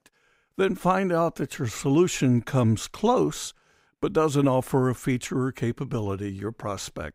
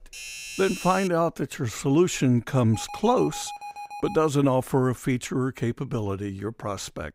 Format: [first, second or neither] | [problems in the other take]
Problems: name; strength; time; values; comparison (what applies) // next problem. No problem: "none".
first | doorbell; noticeable; until 1 s; peak 9 dB below the speech // alarm; faint; from 2.5 to 4 s; peak 15 dB below the speech